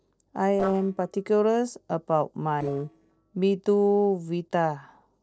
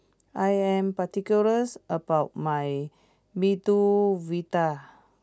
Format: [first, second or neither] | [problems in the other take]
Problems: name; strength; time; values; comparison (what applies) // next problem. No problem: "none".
second | noise reduction (neural separator model SepFormer DNS4)